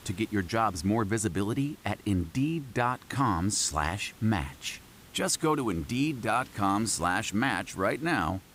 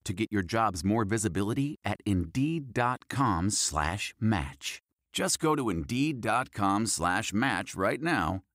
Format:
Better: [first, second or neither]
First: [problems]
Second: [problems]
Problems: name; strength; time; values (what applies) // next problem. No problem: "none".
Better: second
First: hiss; faint; throughout; 25 dB below the speech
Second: none